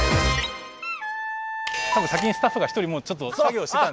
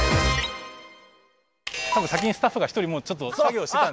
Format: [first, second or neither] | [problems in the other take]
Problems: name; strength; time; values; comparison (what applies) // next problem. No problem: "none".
second | background sound (Wind instrument, woodwind instrument); 7 dB below the speech